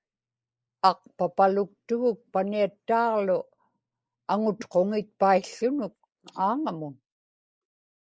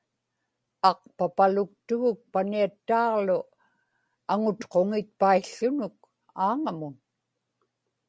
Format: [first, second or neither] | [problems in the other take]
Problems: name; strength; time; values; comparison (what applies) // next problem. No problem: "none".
second | noise reduction (neural mask model Resemble Enhance denoiser)